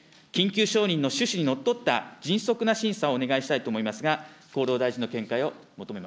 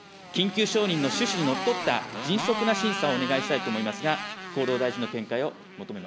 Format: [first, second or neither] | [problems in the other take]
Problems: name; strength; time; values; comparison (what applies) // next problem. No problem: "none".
first | background sound (Motorcycle); 6 dB below the speech